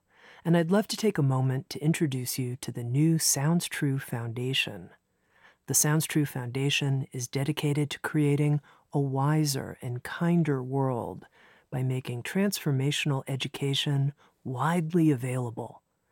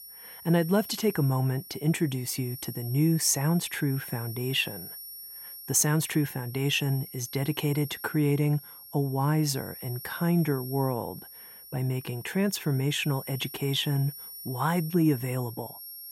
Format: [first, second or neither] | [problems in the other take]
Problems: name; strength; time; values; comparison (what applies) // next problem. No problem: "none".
first | high-pitched whine; noticeable; throughout; 11.5 kHz, 15 dB below the speech